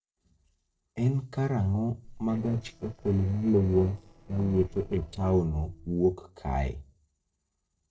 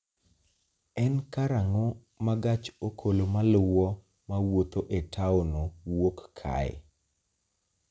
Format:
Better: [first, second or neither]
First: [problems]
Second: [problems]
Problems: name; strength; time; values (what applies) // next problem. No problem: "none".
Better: second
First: noise reduction (neural separator model SepFormer DNS4)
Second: none